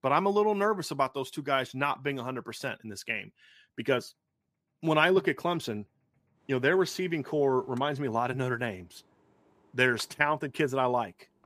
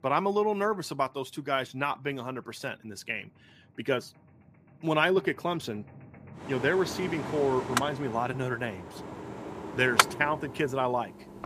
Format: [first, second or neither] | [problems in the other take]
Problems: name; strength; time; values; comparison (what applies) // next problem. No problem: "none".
first | machinery noise; loud; throughout; 3 dB below the speech; faint in the first